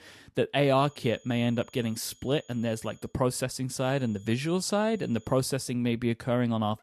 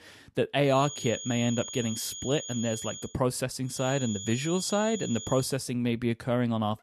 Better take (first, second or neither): first